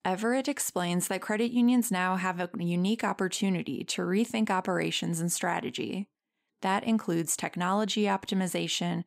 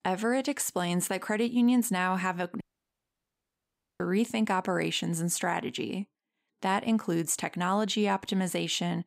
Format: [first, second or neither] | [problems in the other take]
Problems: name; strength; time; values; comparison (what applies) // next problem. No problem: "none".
first | audio cutting out; at 2.5 s for 1.5 s